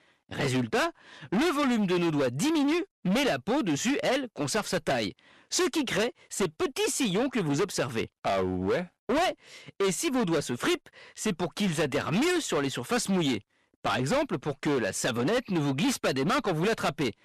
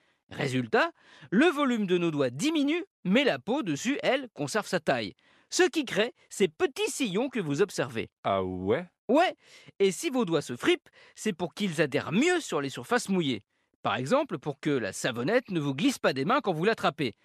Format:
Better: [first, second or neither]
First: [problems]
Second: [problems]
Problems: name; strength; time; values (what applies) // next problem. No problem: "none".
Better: second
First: distortion; heavy; 19% of the sound clipped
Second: none